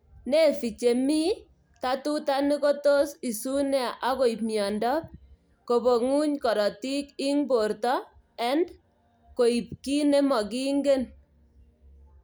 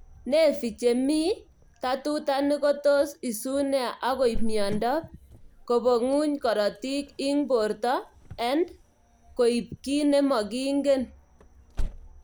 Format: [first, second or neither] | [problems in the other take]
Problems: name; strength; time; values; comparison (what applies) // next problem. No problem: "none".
first | background sound (Cricket); 10 dB below the speech